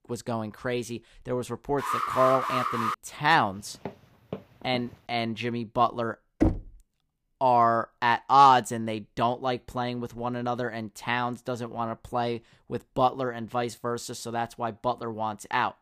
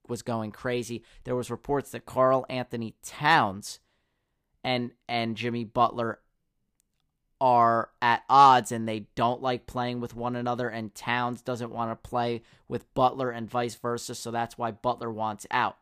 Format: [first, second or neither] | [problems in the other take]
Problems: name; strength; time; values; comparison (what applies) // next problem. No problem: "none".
second | alarm; noticeable; from 2 to 3 s; peak 1 dB below the speech // footsteps; faint; from 3.5 to 5 s; peak 15 dB below the speech // door banging; loud; at 6.5 s; peak level with the speech